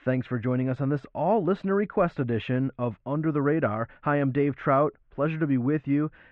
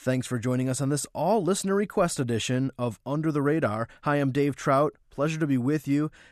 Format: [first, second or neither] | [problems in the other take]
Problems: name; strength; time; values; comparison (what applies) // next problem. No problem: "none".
second | muffled; very; fading above 2.5 kHz